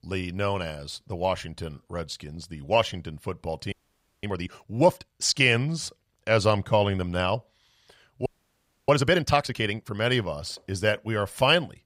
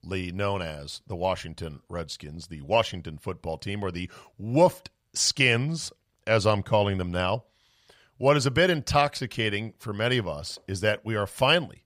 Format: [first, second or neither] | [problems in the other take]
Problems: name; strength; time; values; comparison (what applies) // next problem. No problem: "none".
second | audio freezing; at 3.5 s for 0.5 s and at 8.5 s for 0.5 s